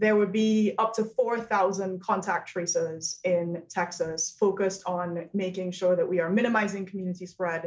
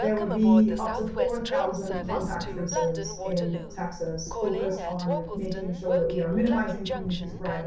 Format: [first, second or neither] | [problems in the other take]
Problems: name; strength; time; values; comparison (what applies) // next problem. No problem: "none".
first | background sound (Train); 6 dB below the speech // room echo; dies away in 0.6 s